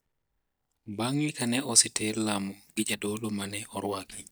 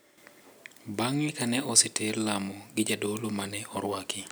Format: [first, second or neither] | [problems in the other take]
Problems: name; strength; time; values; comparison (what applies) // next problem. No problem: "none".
second | noise reduction (neural mask model DeepFilterNet 3)